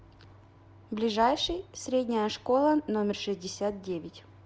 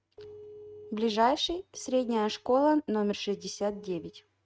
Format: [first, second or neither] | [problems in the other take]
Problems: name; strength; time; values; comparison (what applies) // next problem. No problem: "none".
first | noise reduction (neural mask model RNNoise)